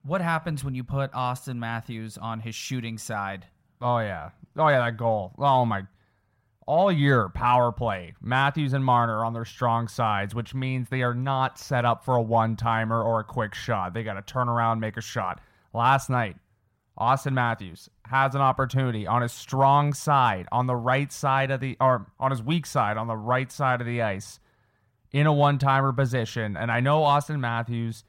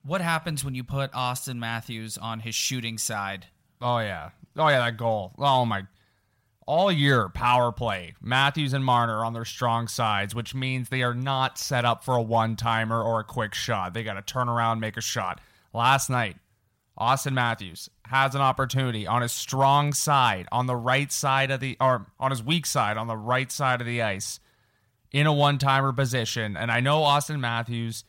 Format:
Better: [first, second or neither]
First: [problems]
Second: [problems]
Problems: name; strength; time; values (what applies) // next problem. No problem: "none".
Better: second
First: muffled; slightly; fading above 2.5 kHz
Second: none